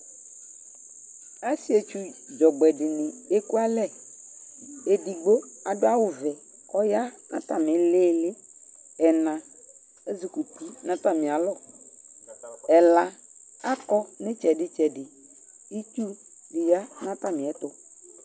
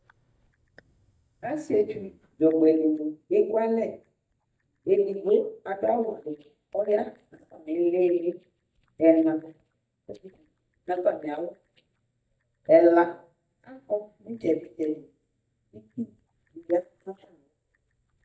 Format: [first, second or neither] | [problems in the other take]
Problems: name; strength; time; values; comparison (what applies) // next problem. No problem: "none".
first | noise reduction (neural mask model DeepFilterNet 3)